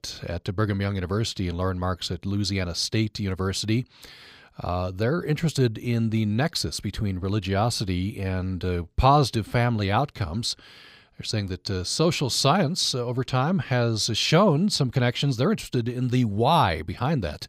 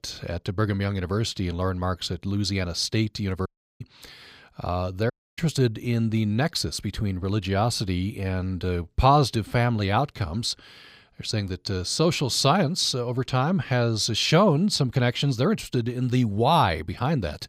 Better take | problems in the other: first | audio cutting out; at 3.5 s and at 5 s

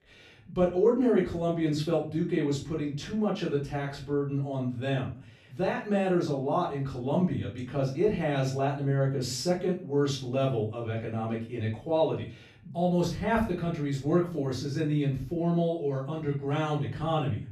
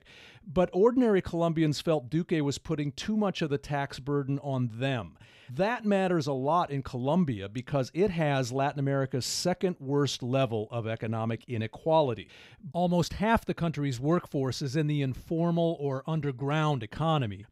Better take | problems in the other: second | off-mic speech; far // room echo; slight; dies away in 0.3 s

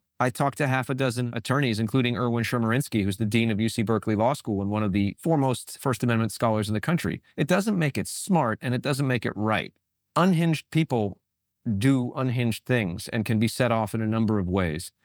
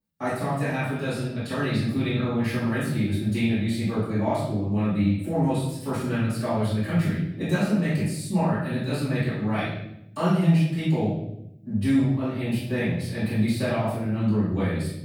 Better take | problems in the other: first | off-mic speech; far // room echo; strong; dies away in 0.9 s

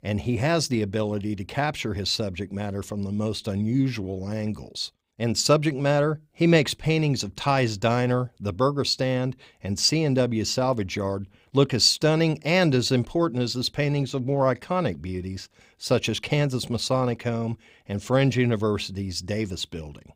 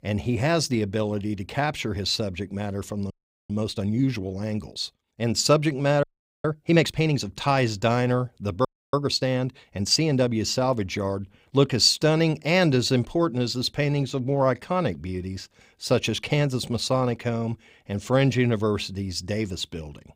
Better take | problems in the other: first | audio freezing; at 3 s, at 6 s and at 8.5 s

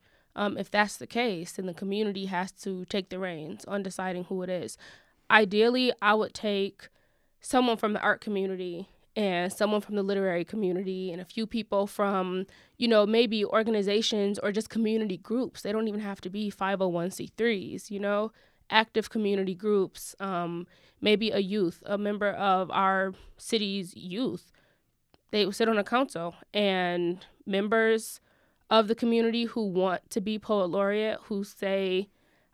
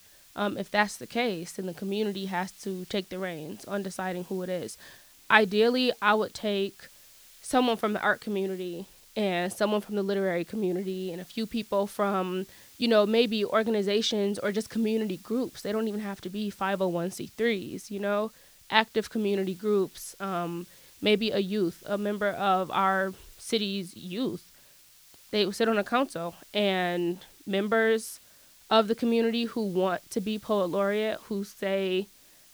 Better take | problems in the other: first | hiss; faint; throughout; 25 dB below the speech

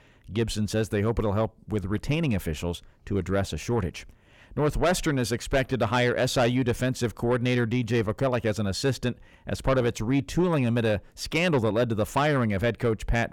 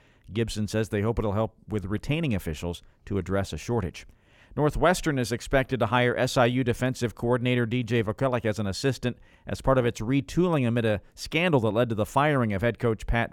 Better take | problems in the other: second | distortion; slight; 10 dB below the speech

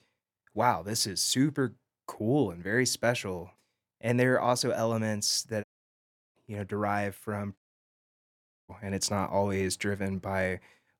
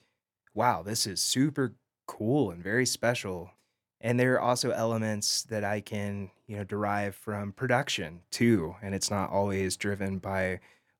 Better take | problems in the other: second | audio cutting out; at 5.5 s for 0.5 s and at 7.5 s for 1 s

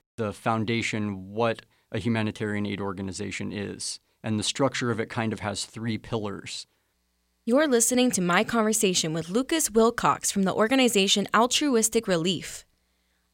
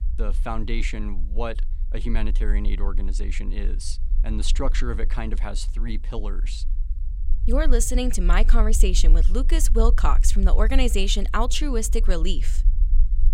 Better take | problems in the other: first | low rumble; noticeable; throughout; 20 dB below the speech

